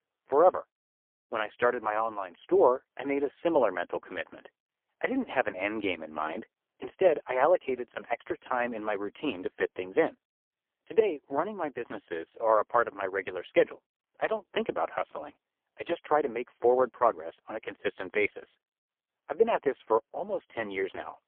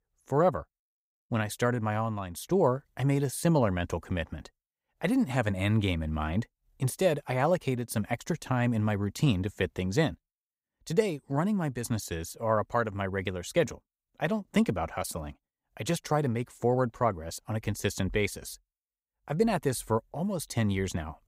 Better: second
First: phone-call audio; poor line; nothing above 3.5 kHz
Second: none

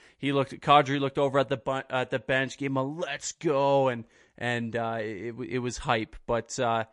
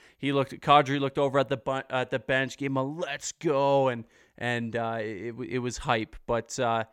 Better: second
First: garbled, watery; slightly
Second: none

